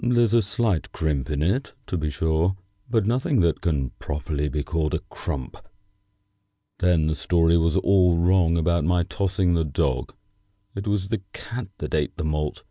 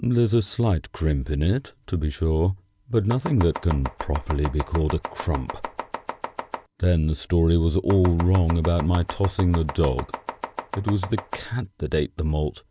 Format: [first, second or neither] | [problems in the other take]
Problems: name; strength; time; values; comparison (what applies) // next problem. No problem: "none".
first | background sound (Domestic sounds, home sounds); 11 dB below the speech